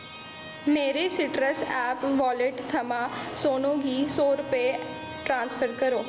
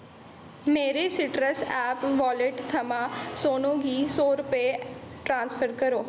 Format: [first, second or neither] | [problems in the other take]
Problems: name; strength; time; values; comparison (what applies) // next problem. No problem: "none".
second | background sound (Bowed string instrument); 15 dB below the speech